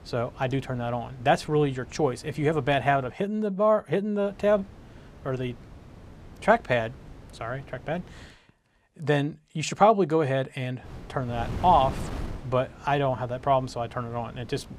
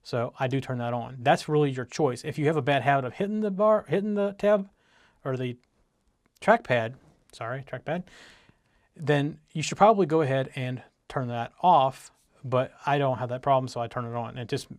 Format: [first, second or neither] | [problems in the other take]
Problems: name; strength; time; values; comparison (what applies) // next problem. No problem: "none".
second | wind noise on the microphone; occasional gusts; until 3 s, from 4.5 to 8.5 s and from 11 s on; 20 dB below the speech